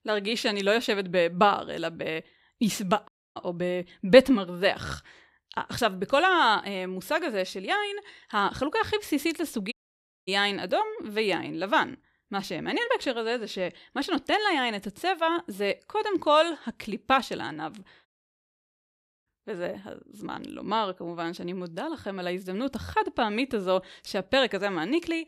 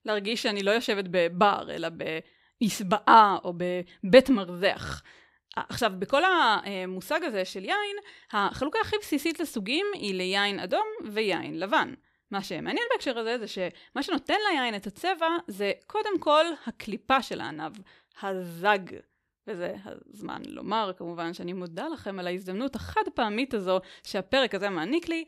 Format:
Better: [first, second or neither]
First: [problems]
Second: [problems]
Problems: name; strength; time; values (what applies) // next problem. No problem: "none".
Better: second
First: audio cutting out; at 3 s, at 9.5 s for 0.5 s and at 18 s for 1 s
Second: none